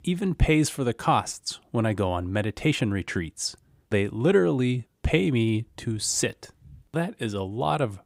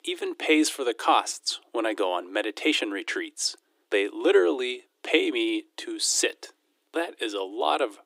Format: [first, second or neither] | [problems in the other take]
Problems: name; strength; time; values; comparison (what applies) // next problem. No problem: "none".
first | thin; very; fading below 300 Hz